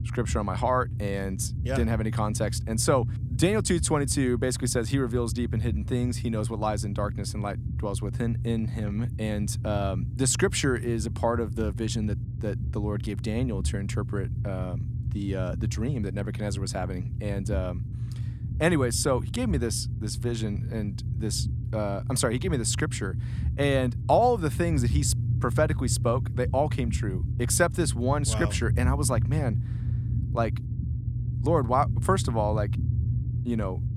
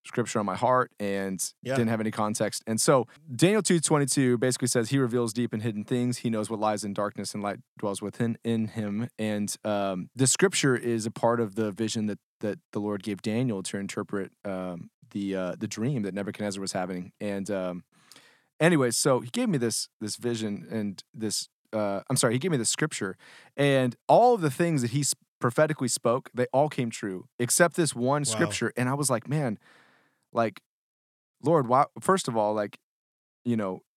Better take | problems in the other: second | low rumble; noticeable; throughout; 15 dB below the speech

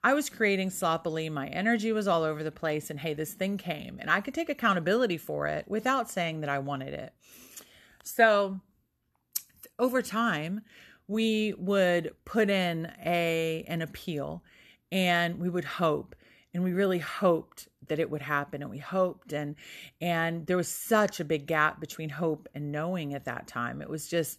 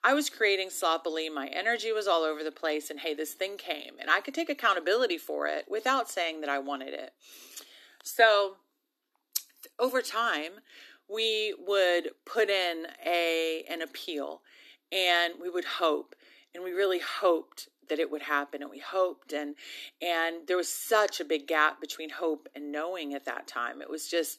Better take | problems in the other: first | thin; somewhat; fading below 300 Hz

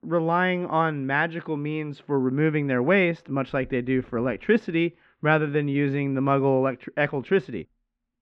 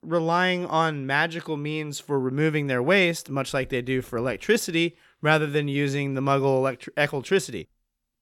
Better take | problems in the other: second | muffled; very; fading above 2.5 kHz

